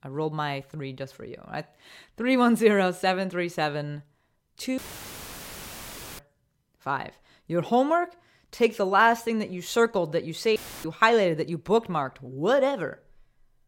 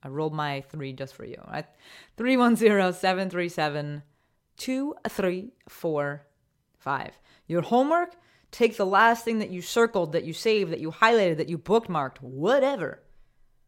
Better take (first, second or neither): second